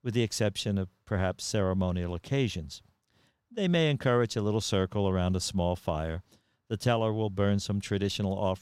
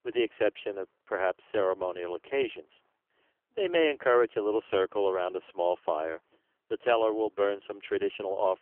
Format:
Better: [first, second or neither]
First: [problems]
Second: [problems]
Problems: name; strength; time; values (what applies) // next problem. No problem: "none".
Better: first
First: none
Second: phone-call audio; poor line; nothing above 3 kHz